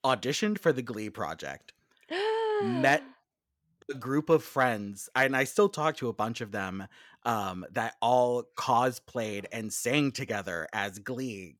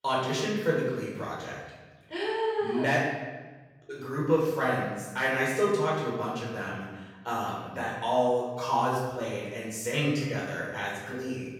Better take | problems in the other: first | off-mic speech; far // room echo; noticeable; dies away in 1.1 s

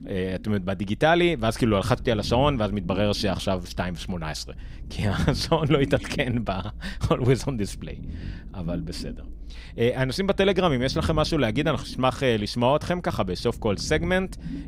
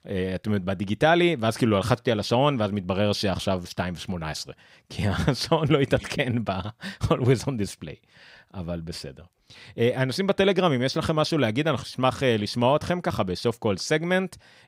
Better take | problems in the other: second | low rumble; faint; throughout; 20 dB below the speech

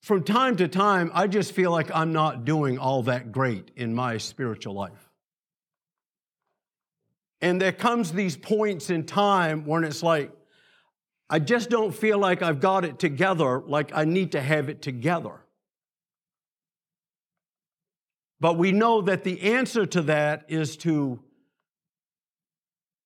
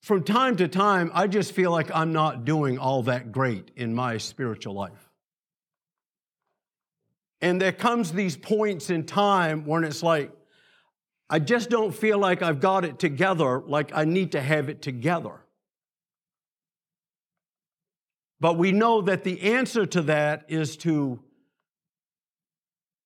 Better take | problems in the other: neither | none

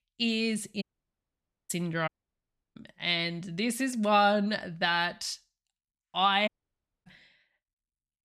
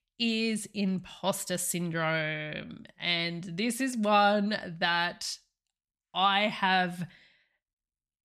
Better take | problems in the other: second | audio cutting out; at 1 s for 1 s, at 2 s for 0.5 s and at 6.5 s for 0.5 s

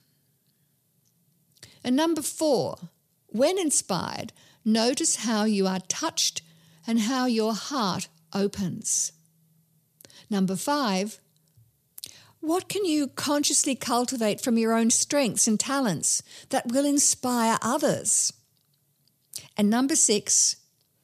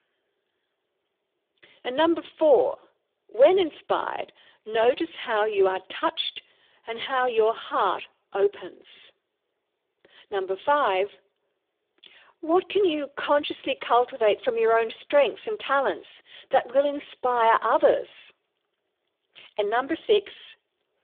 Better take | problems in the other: first | phone-call audio; poor line; nothing above 3.5 kHz

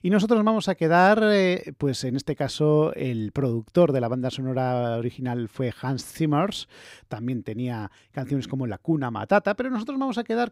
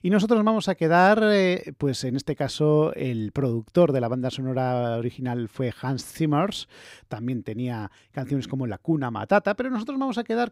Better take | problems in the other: neither | none

